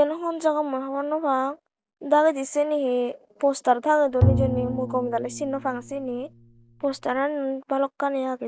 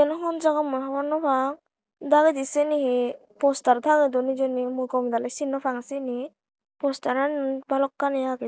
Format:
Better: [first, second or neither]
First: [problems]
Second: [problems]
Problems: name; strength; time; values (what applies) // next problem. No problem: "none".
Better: second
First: background sound (Bowed string instrument); 3 dB below the speech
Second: none